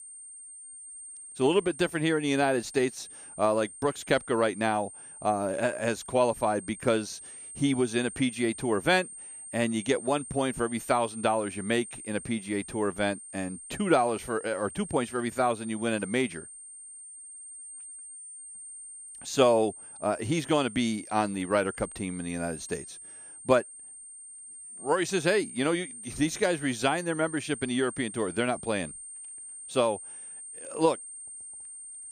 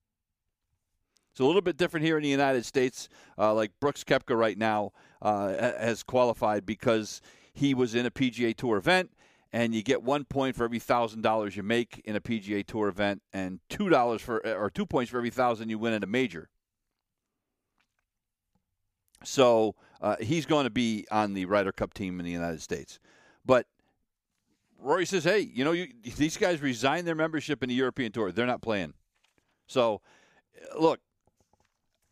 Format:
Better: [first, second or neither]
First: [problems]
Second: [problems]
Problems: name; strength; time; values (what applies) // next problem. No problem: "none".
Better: second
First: high-pitched whine; noticeable; throughout; 8.5 kHz, 15 dB below the speech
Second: none